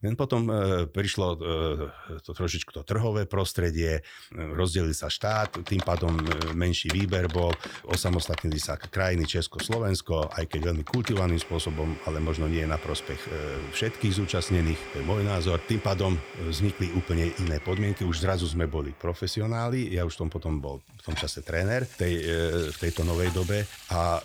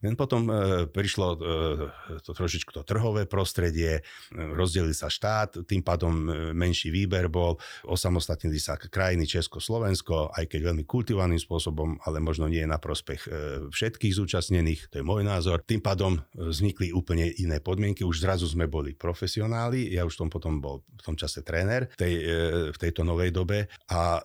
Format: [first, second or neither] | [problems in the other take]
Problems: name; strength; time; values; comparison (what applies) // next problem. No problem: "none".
second | household noises; noticeable; from 5 s on; 10 dB below the speech